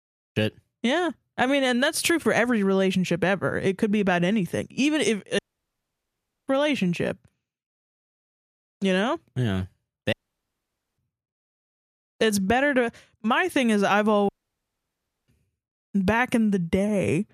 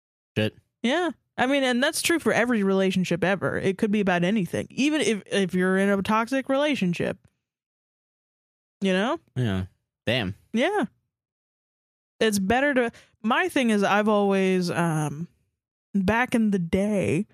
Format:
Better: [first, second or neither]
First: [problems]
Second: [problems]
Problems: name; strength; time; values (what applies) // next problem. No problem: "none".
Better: second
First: audio cutting out; at 5.5 s for 1 s, at 10 s for 1 s and at 14 s for 1 s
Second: none